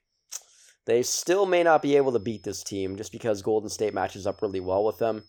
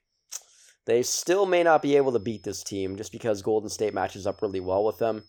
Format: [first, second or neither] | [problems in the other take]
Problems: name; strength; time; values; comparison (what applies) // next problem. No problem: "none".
neither | high-pitched whine; faint; from 1 to 3 s and from 3.5 s on; 5 kHz, 30 dB below the speech; the same in both